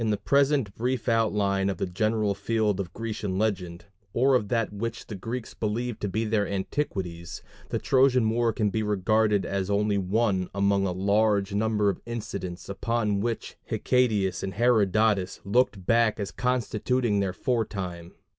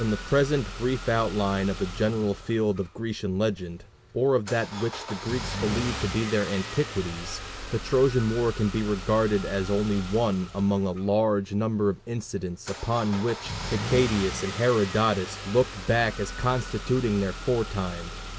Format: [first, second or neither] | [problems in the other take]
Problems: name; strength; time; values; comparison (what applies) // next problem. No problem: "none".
first | background sound (Engine starting / Car); 10 dB below the speech